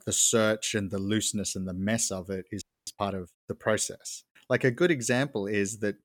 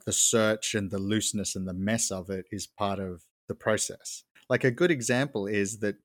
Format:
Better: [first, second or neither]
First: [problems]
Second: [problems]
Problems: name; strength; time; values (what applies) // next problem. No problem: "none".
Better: second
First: audio freezing; at 2.5 s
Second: none